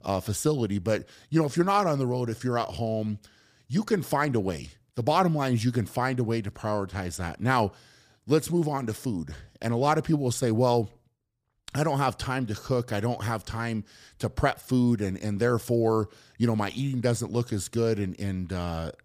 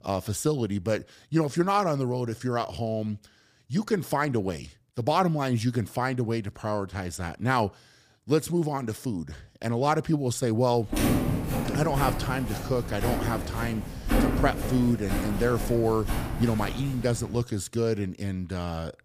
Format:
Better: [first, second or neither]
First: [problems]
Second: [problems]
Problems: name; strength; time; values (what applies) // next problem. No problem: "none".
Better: first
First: none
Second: footsteps; loud; from 11 to 17 s; peak 3 dB above the speech